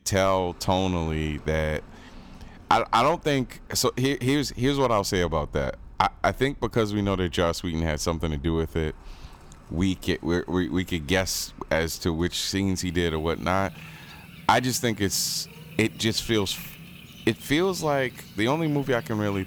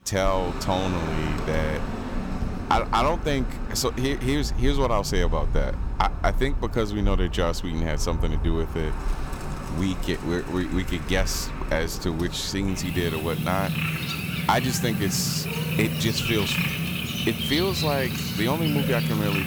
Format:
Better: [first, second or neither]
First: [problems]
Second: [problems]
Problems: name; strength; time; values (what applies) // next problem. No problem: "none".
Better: first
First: animal sounds; faint; throughout; 20 dB below the speech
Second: animal sounds; loud; throughout; 3 dB below the speech